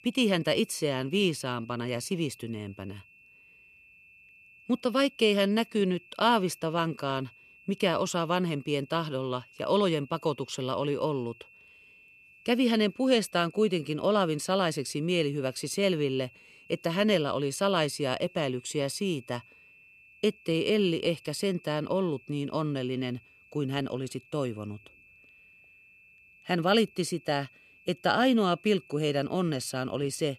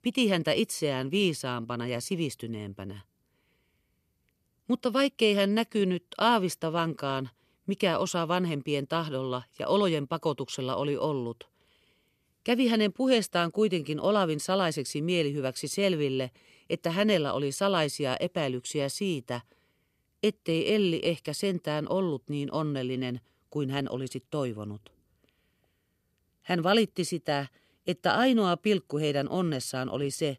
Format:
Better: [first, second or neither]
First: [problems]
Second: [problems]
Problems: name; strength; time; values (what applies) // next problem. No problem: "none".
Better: second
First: high-pitched whine; faint; throughout; 2.5 kHz, 25 dB below the speech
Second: none